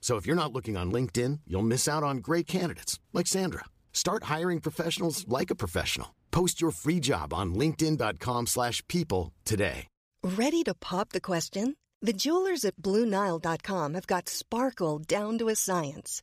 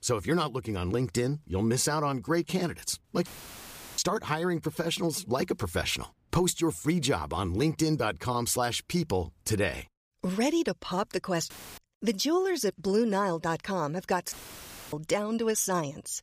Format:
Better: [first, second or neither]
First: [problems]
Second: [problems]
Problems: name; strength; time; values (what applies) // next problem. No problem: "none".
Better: first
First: none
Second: audio cutting out; filled with static; at 3.5 s for 0.5 s, at 12 s and at 14 s for 0.5 s